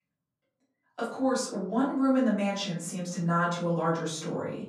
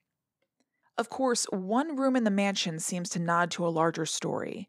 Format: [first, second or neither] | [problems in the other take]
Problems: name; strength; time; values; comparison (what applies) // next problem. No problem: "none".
second | off-mic speech; far // room echo; slight; dies away in 0.6 s